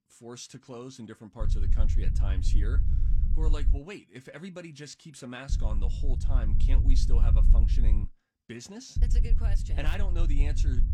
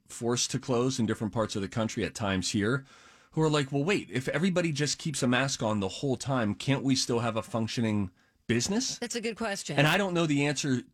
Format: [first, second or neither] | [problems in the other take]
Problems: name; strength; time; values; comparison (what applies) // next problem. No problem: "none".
second | low rumble; loud; from 1.5 to 4 s, from 5.5 to 8 s and from 9 s on; 5 dB below the speech